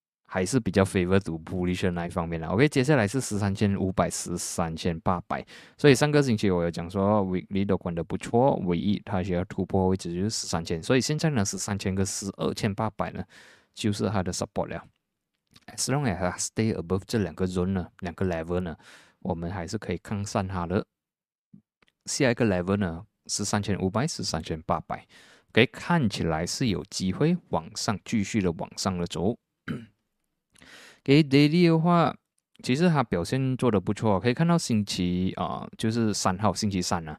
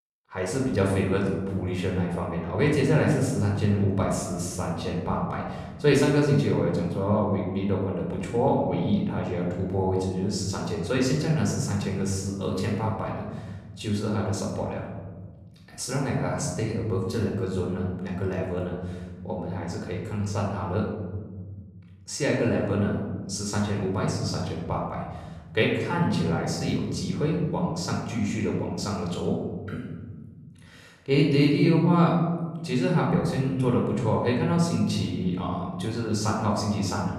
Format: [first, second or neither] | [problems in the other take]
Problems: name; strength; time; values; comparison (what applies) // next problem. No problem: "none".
first | off-mic speech; somewhat distant // room echo; noticeable; dies away in 2 s